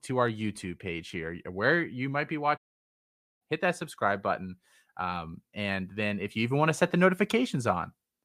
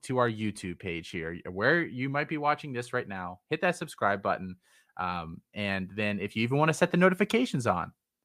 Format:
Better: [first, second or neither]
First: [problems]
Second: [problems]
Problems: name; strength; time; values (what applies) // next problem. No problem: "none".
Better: second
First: audio cutting out; at 2.5 s for 1 s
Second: none